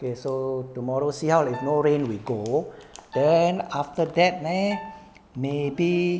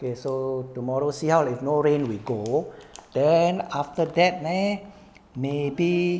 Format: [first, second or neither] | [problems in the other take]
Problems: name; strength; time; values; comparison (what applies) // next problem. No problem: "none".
second | background sound (Piano); 19 dB below the speech